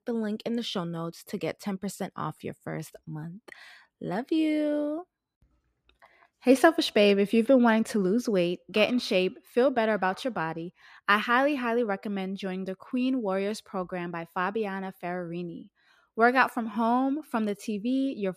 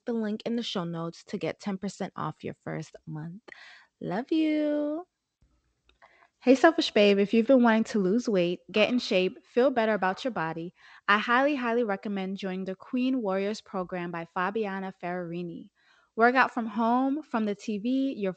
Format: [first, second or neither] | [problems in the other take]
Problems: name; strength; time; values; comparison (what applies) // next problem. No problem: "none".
first | garbled, watery; slightly; nothing above 8 kHz